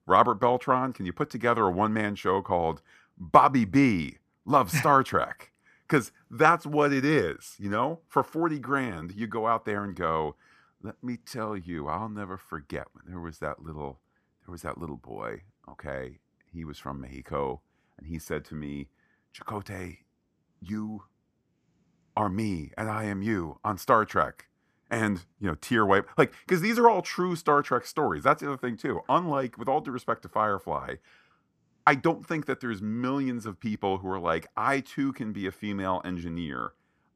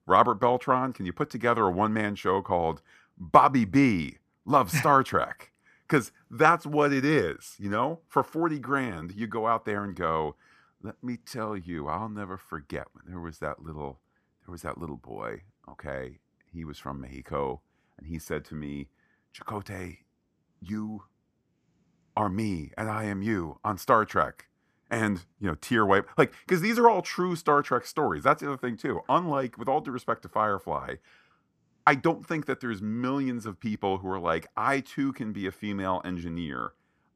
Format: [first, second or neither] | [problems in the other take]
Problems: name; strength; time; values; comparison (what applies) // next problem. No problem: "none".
neither | none